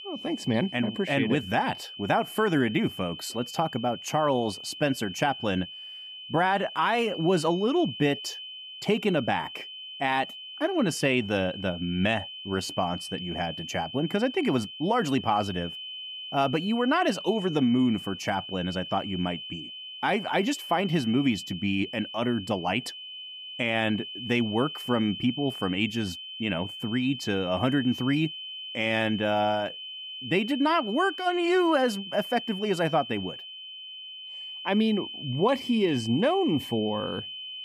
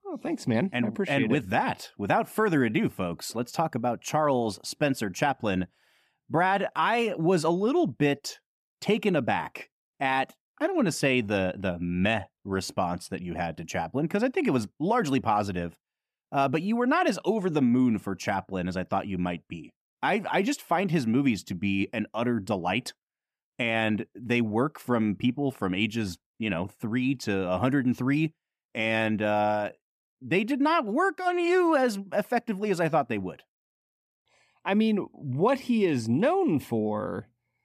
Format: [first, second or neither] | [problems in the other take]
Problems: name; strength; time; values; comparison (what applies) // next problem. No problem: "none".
second | high-pitched whine; noticeable; throughout; 3 kHz, 10 dB below the speech